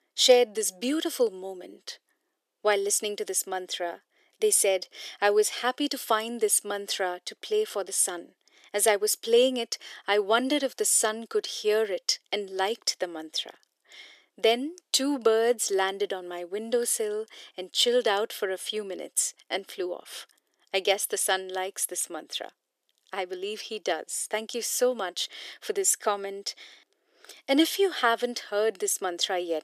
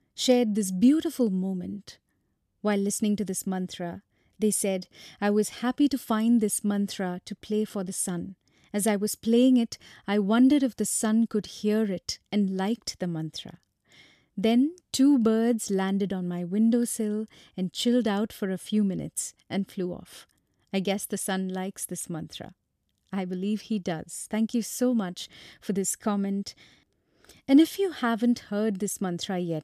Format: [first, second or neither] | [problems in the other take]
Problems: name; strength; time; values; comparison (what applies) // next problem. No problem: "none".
second | thin; very; fading below 400 Hz